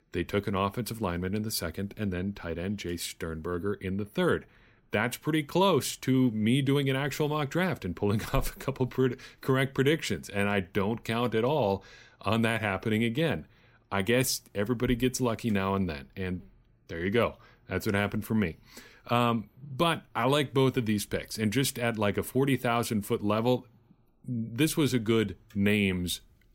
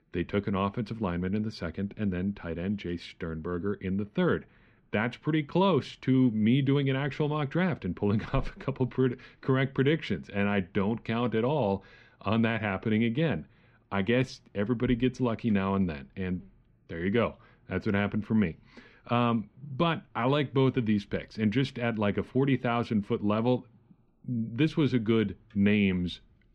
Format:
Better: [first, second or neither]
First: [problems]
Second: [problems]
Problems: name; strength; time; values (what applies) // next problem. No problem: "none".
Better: first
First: none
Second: muffled; slightly; fading above 3.5 kHz